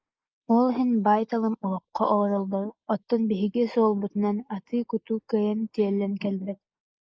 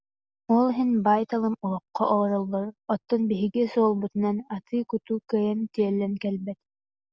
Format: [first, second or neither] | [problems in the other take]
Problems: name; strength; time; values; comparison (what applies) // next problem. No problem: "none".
second | noise reduction (neural mask model Resemble Enhance denoiser)